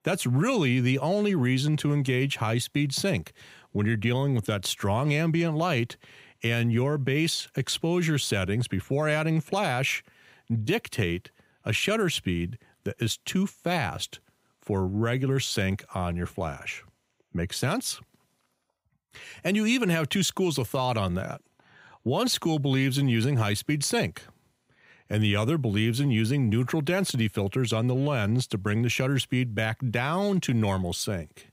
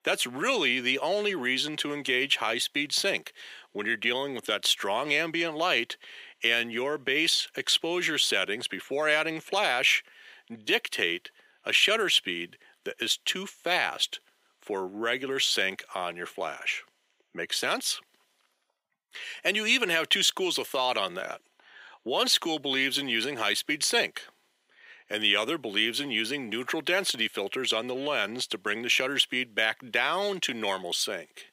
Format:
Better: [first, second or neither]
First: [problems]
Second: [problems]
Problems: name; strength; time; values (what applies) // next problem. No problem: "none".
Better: first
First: none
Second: thin; very; fading below 350 Hz